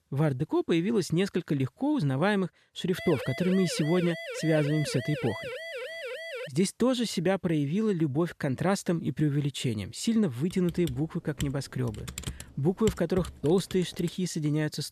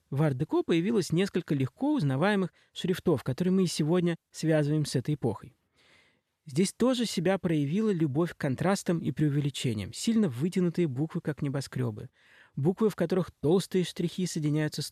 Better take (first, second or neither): second